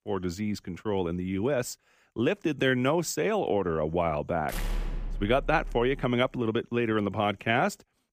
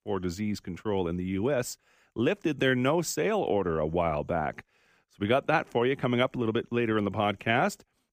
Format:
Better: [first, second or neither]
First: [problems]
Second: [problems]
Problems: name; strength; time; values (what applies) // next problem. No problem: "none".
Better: second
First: door banging; noticeable; from 4.5 to 6 s; peak 7 dB below the speech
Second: none